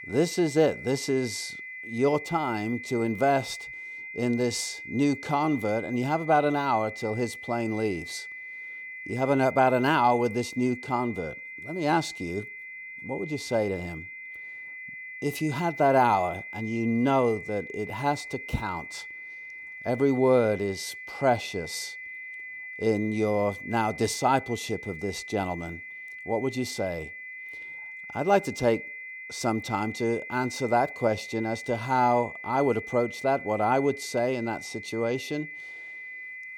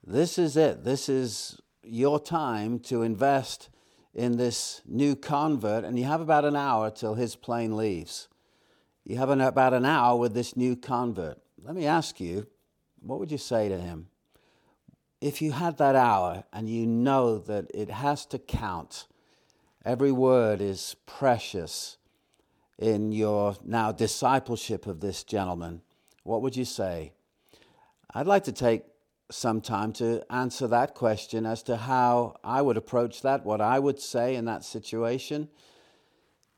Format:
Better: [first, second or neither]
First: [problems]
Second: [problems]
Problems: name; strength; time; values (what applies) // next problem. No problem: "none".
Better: second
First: high-pitched whine; noticeable; throughout; 2 kHz, 10 dB below the speech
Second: none